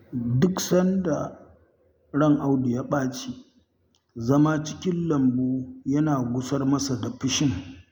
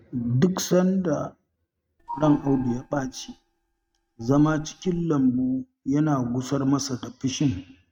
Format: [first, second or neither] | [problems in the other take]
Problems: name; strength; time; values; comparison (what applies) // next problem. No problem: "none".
first | noise reduction (neural mask model RNNoise)